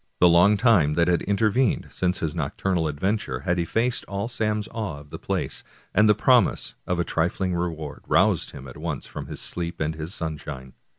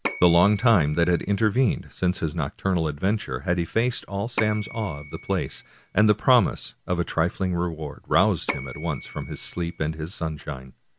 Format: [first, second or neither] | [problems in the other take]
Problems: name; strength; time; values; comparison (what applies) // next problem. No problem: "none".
first | background sound (Bell / Telephone); 14 dB below the speech